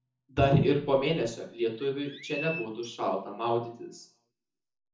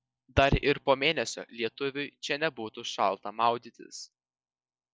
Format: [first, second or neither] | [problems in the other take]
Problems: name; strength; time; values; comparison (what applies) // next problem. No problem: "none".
second | background sound (Chirp, tweet); 12 dB below the speech // room echo; dies away in 0.5 s